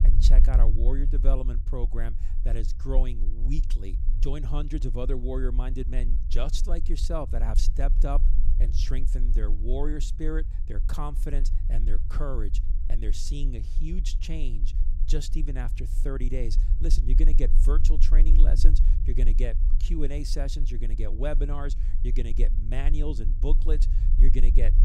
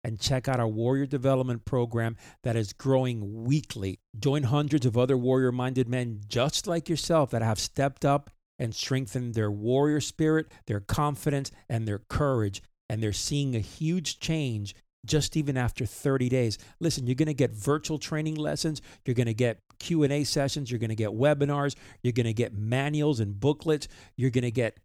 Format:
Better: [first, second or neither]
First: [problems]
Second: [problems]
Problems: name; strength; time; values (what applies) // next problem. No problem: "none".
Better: second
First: low rumble; noticeable; throughout; 10 dB below the speech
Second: none